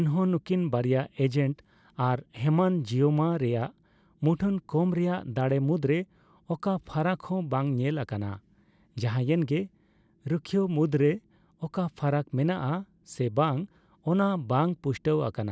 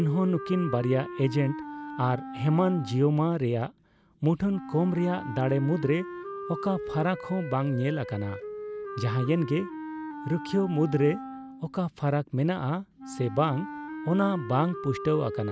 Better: first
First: none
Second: background sound (Wind instrument, woodwind instrument); 11 dB below the speech

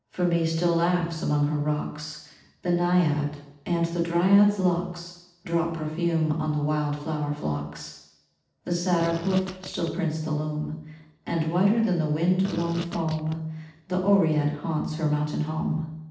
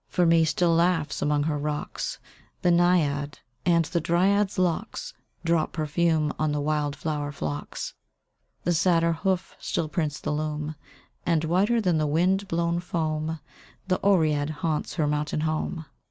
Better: second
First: noise reduction (neural separator model SepFormer DNS4)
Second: none

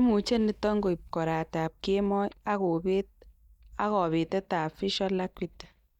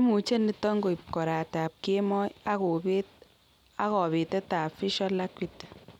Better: second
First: noise reduction (neural mask model DeepFilterNet 3)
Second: none

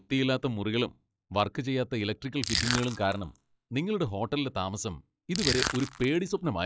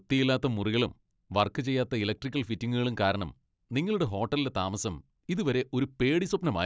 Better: second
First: noise reduction (classical method log-MMSE)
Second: none

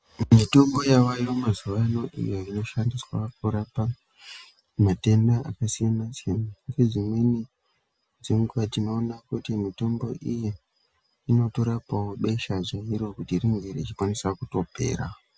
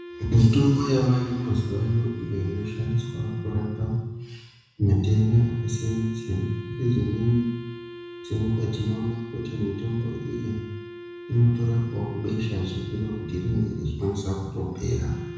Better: first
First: none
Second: background sound (Wind instrument, woodwind instrument); 15 dB below the speech // room echo; dies away in 1.1 s

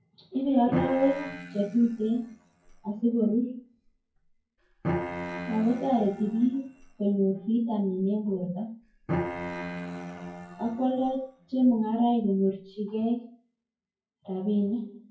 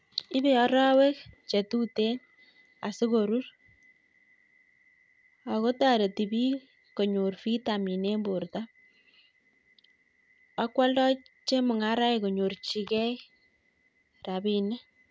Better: second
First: noise reduction (classical method WPE with log-MMSE)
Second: none

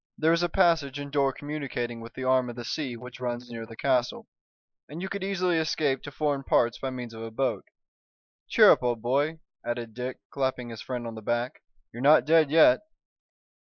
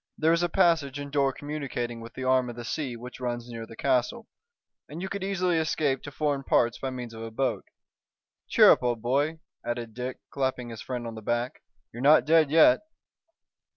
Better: second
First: noise reduction (neural mask model Resemble Enhance denoiser)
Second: none

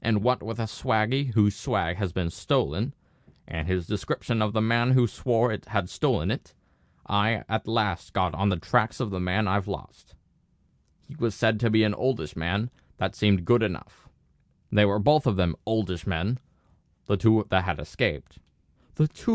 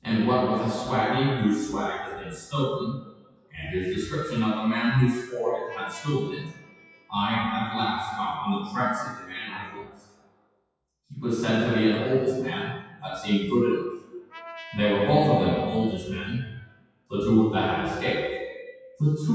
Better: first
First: none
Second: noise reduction (classical method WPE with log-MMSE)

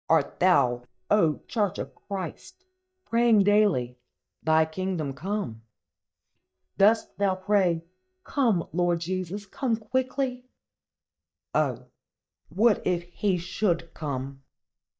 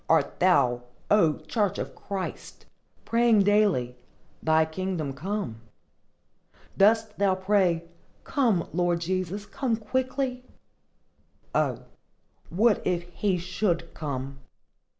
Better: second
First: noise reduction (neural mask model DeepFilterNet 3)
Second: none

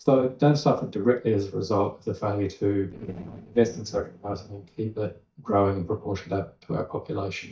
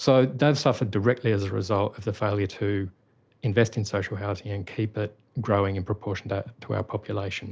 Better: second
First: noise reduction (neural mask model DeepFilterNet 3)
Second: none

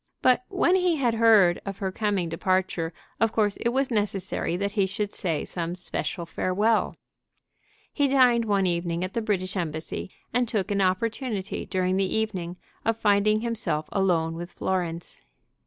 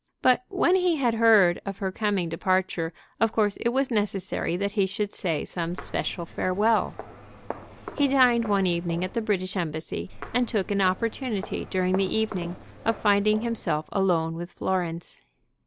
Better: first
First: none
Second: background sound (Walk, footsteps); 15 dB below the speech

